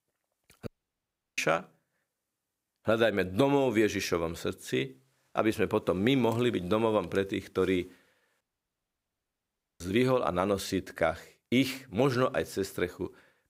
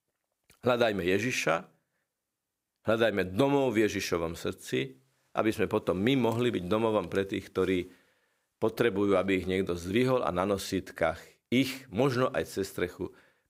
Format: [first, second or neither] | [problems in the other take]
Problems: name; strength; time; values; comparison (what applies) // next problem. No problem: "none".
second | audio cutting out; at 0.5 s for 0.5 s and at 8.5 s for 1.5 s